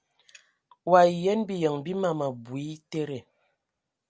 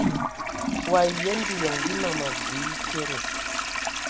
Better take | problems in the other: first | background sound (Toilet flush); 1 dB above the speech

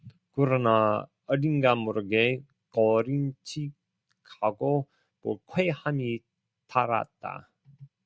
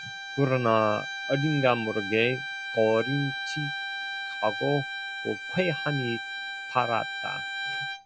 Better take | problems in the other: first | background sound (Bowed string instrument); 6 dB below the speech

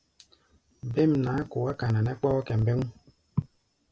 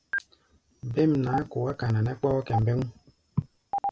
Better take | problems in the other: first | background sound (Stream); 9 dB below the speech

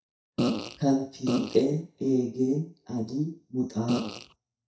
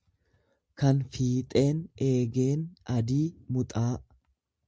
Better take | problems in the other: second | noise reduction (neural mask model DeepFilterNet 3)

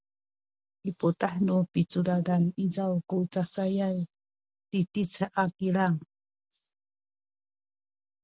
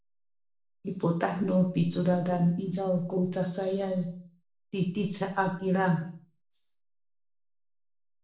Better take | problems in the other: first | room echo; dies away in 0.5 s

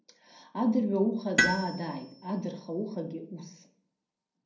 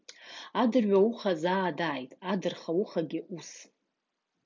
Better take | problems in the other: second | background sound (Tools); 3 dB below the speech // room echo; dies away in 0.6 s

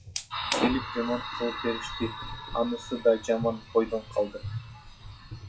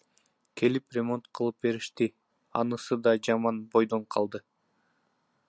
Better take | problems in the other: second | noise reduction (classical method WPE with log-MMSE)

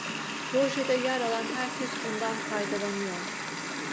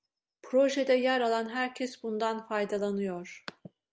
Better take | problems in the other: second | background sound (Water tap, faucet); 2 dB below the speech

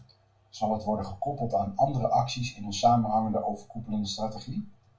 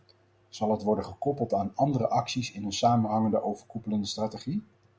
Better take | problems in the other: second | room echo; dies away in 0.2 s

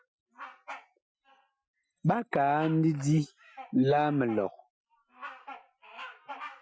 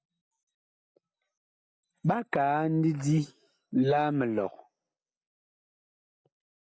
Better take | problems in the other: second | noise reduction (classical method Wiener filter)

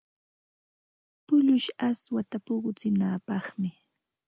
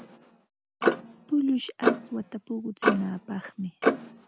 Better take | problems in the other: first | background sound (Clock); 2 dB above the speech

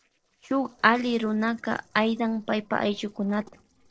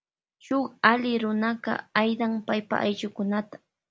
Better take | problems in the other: second | noise reduction (neural separator model SepFormer DNS4)

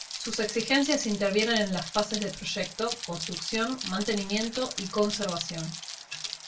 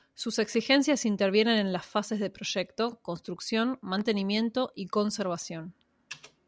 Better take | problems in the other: second | background sound (Rain); 8 dB below the speech // room echo; dies away in 0.2 s

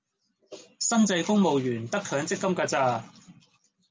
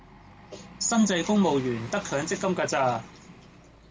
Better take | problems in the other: first | background sound (Bus); 18 dB below the speech

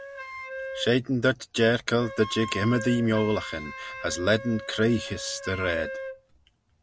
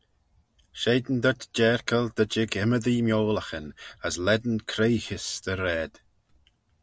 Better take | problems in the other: second | background sound (Wind instrument, woodwind instrument); 12 dB below the speech

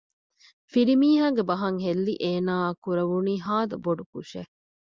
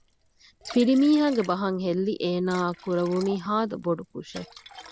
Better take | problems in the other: first | background sound (Liquid); 19 dB below the speech

